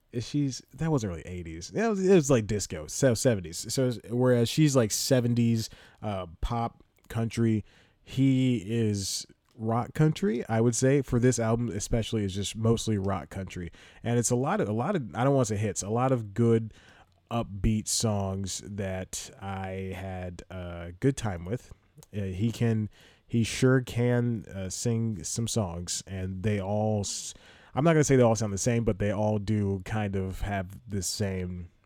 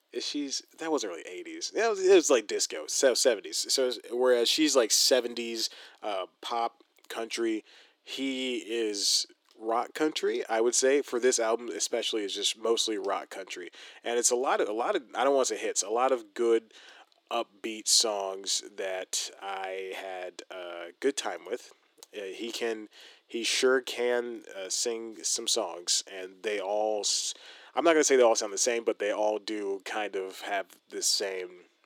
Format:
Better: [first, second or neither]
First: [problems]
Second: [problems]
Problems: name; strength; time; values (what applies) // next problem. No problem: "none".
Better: first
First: none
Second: thin; very; fading below 300 Hz